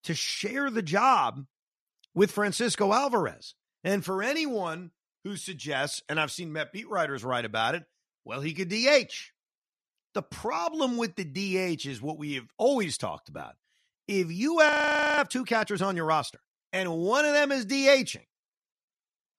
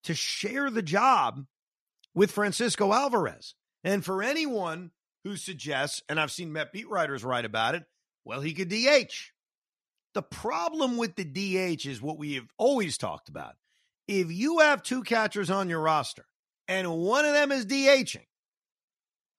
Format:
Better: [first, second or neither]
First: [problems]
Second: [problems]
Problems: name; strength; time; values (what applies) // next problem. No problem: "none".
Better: second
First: audio freezing; at 15 s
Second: none